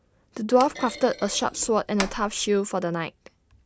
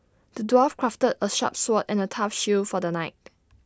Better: second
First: background sound (Thump, thud); 12 dB below the speech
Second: none

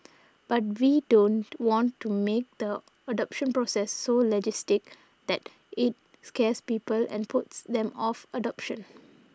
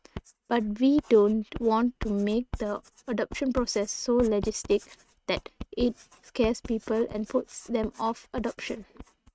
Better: first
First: none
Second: noise reduction (neural mask model RNNoise)

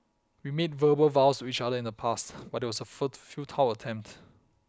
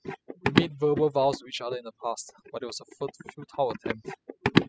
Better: first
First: none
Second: noise reduction (classical method spectral subtraction)

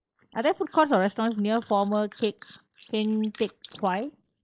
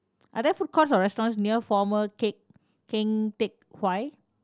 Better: second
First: noise reduction (neural mask model Resemble Enhance denoiser)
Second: none

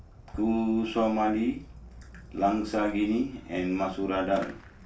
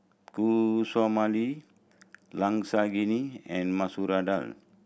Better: second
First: background sound (Fireworks); 18 dB below the speech // room echo; dies away in 0.2 s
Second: none

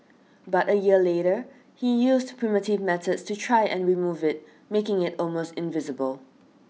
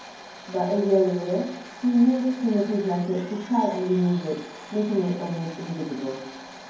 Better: first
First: none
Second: background sound (Domestic sounds, home sounds); 18 dB below the speech // room echo; dies away in 0.9 s

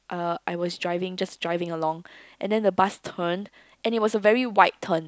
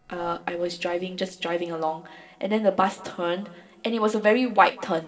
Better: first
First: none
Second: noise reduction (neural separator model SepFormer DNS4)

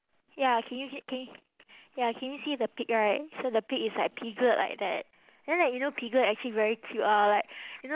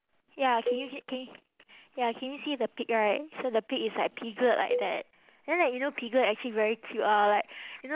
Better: first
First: none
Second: background sound (Cowbell); 8 dB below the speech

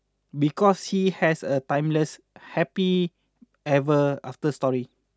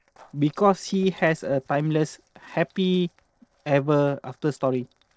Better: first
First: none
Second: noise reduction (neural separator model SepFormer DNS4)

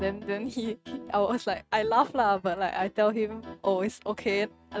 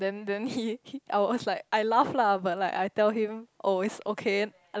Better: second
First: noise reduction (neural mask model RNNoise)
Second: none

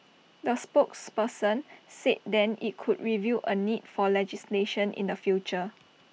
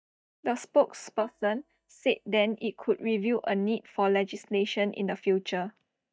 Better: first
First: none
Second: noise reduction (neural mask model DeepFilterNet 3)

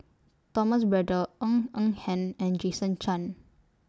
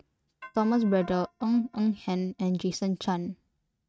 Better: first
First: none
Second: noise reduction (neural mask model RNNoise)

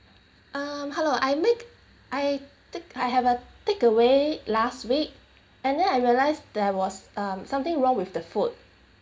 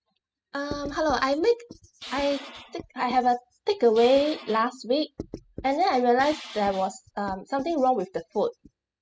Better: first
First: none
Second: noise reduction (classical method spectral subtraction)

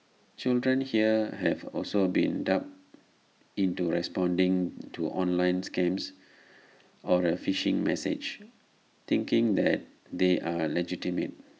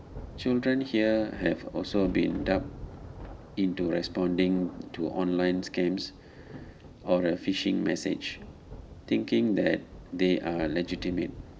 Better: first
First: none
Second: background sound (Thunder); 15 dB below the speech

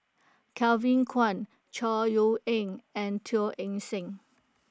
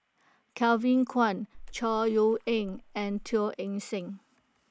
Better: first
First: none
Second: background sound (Splash, splatter); 18 dB below the speech

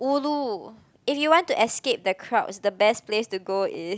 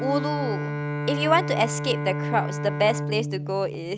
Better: first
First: none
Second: background sound (Bowed string instrument); 3 dB below the speech

